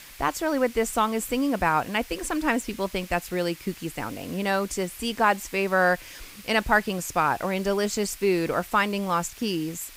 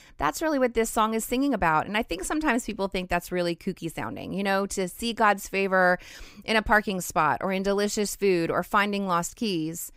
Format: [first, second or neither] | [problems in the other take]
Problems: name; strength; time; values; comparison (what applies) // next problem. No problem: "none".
second | hiss; noticeable; throughout; 20 dB below the speech